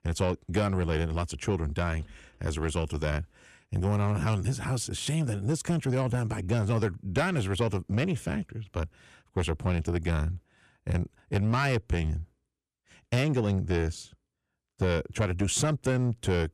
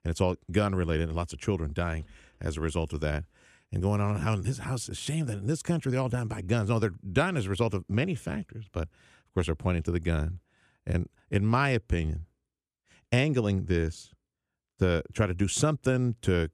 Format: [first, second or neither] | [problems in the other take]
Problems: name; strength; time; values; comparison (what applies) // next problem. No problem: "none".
second | distortion; slight; 10 dB below the speech